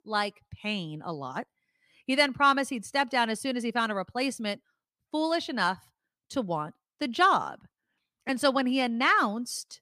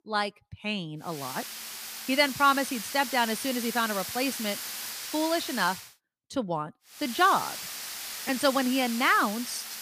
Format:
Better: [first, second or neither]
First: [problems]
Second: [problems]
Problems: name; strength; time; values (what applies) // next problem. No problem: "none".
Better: first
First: none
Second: hiss; loud; from 1 to 6 s and from 7 s on; 8 dB below the speech